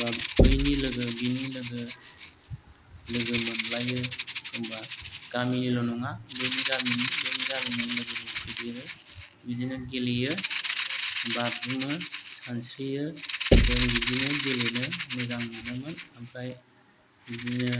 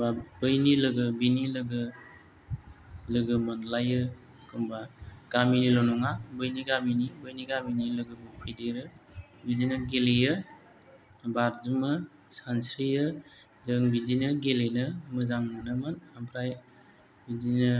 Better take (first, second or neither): second